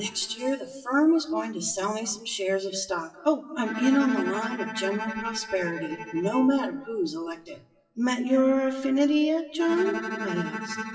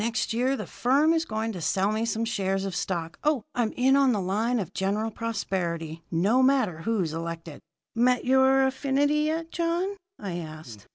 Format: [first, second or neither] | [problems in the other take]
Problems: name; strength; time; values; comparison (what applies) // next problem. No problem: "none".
second | noise reduction (classical method WPE with log-MMSE)